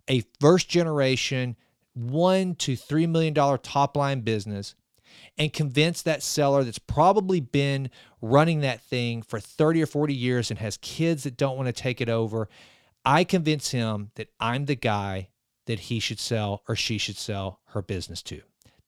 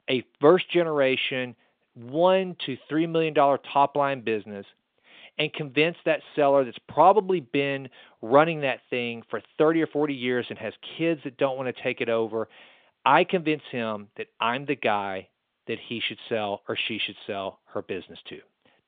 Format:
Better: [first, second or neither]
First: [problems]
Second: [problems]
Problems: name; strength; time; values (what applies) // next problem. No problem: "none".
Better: first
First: none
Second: phone-call audio; nothing above 3.5 kHz